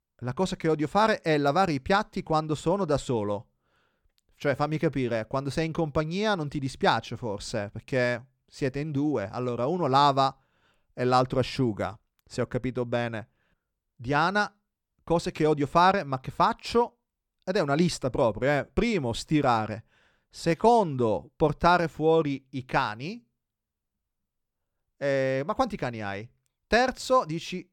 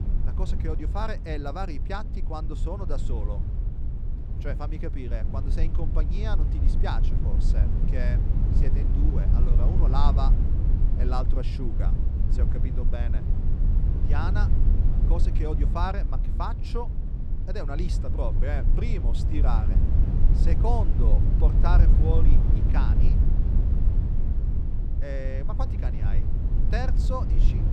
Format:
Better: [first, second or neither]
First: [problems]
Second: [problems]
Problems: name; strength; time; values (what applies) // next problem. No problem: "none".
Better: first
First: none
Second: low rumble; loud; throughout; 5 dB below the speech